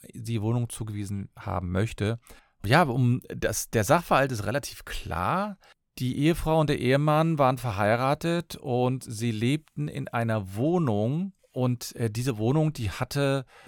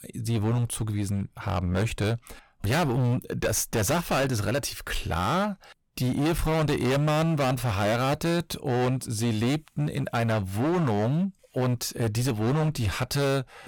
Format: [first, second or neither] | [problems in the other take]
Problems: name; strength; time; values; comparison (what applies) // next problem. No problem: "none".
first | distortion; heavy; 23% of the sound clipped